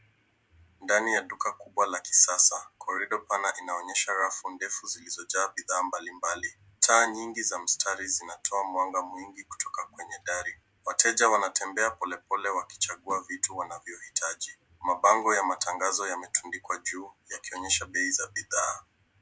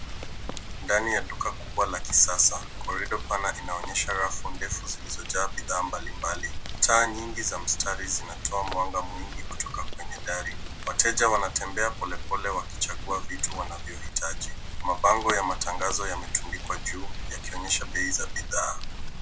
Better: first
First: none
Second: background sound (Rain); 4 dB below the speech

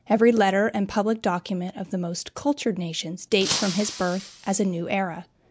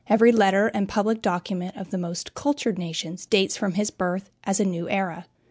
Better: second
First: background sound (Shatter); 10 dB below the speech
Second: none

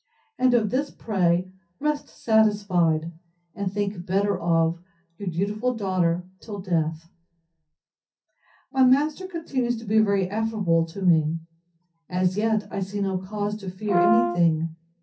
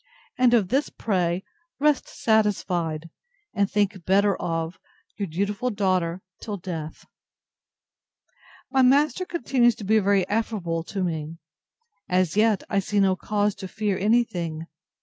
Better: second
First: background sound (Brass instrument); 1 dB below the speech // room echo; dies away in 0.3 s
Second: none

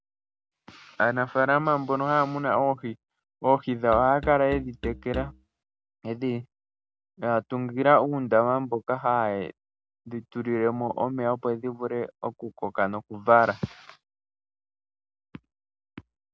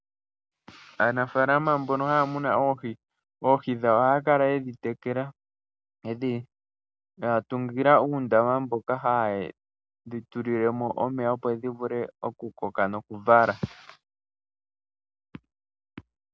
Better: second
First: background sound (Musical instrument); 12 dB below the speech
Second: none

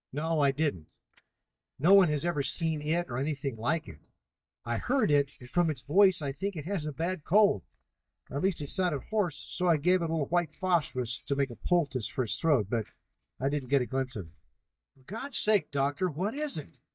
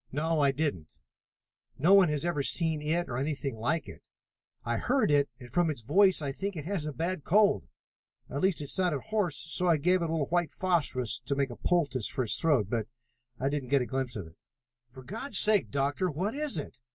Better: second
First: noise reduction (neural mask model DeepFilterNet 3)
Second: none

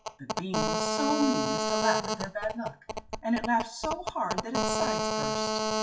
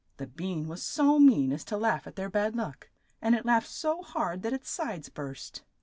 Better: second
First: noise reduction (classical method WPE with log-MMSE)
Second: none

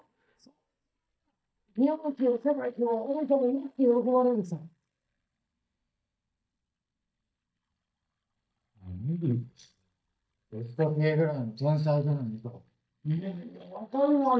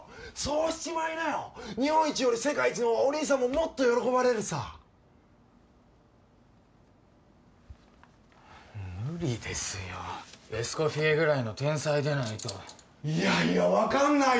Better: second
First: noise reduction (neural mask model DeepFilterNet 3)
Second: none

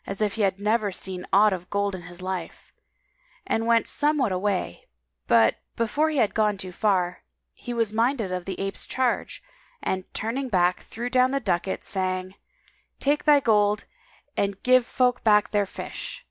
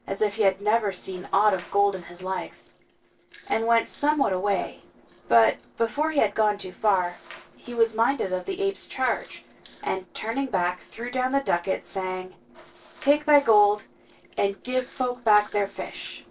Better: first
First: none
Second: noise reduction (neural separator model SepFormer DNS4)

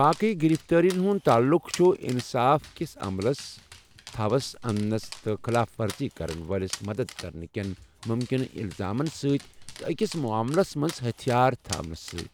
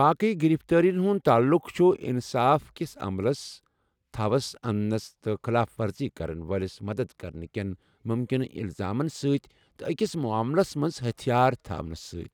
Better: second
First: background sound (Dog); 18 dB below the speech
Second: none

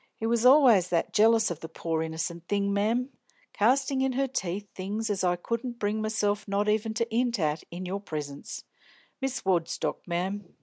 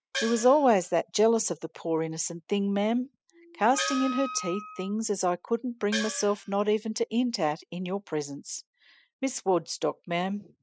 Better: first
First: none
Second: noise reduction (classical method spectral subtraction)

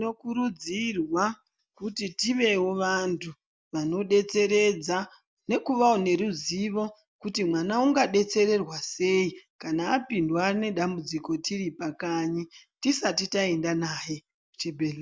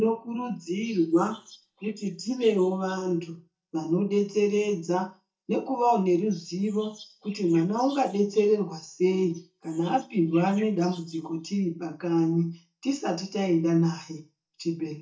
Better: first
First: none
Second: noise reduction (neural mask model DeepFilterNet 3)

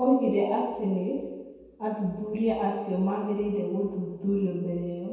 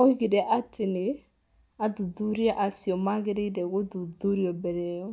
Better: second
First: room echo; dies away in 1.1 s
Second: none

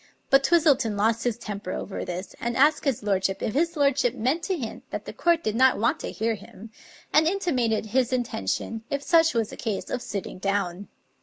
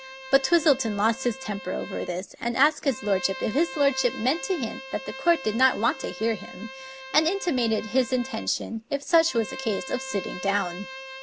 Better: first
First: none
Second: background sound (Bowed string instrument); 14 dB below the speech

